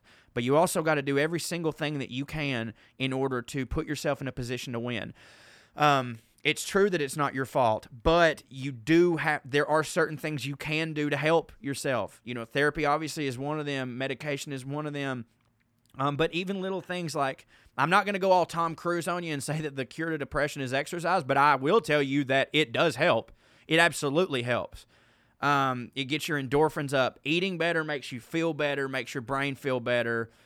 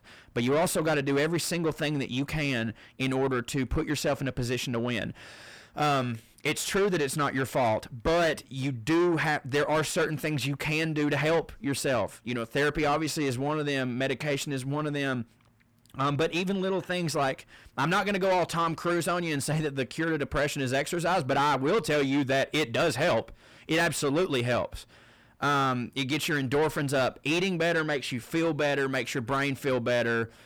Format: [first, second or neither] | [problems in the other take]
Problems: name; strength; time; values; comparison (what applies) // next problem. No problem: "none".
first | distortion; heavy; 7 dB below the speech